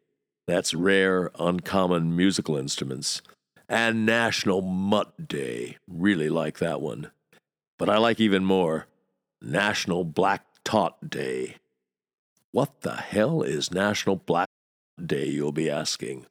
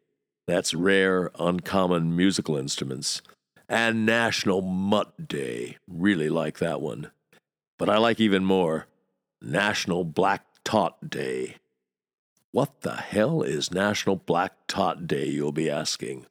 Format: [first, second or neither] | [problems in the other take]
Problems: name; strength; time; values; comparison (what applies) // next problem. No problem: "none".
second | audio cutting out; at 14 s for 0.5 s